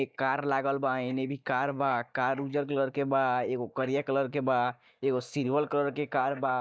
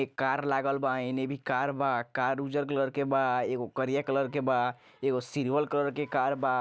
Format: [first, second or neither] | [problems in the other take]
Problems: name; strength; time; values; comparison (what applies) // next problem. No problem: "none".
second | noise reduction (neural mask model DeepFilterNet 3)